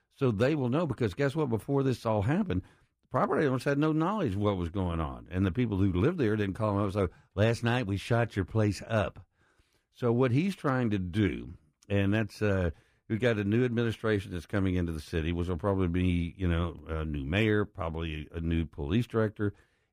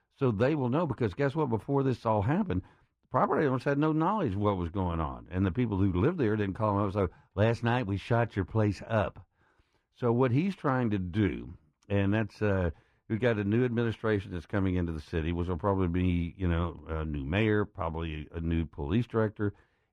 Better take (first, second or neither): first